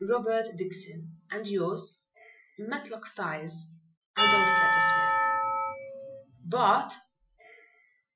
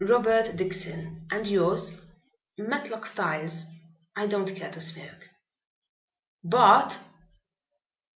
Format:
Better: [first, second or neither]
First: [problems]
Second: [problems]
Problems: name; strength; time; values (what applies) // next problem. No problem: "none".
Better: second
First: noise reduction (classical method Wiener filter)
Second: none